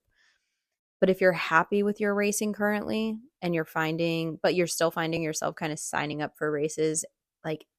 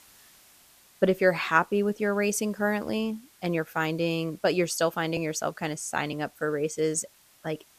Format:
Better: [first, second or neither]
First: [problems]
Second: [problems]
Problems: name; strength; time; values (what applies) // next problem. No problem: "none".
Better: first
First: none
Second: hiss; faint; throughout; 30 dB below the speech